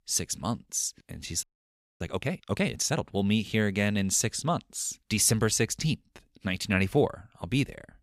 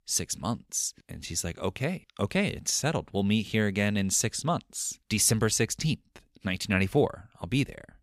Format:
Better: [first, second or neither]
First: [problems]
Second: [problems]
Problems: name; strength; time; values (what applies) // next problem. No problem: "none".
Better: second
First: audio freezing; at 1.5 s for 0.5 s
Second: none